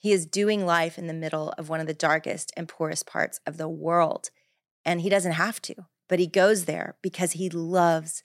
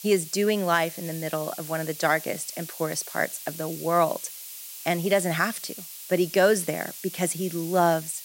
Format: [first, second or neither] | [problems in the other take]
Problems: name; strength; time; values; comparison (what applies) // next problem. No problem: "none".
first | hiss; noticeable; throughout; 10 dB below the speech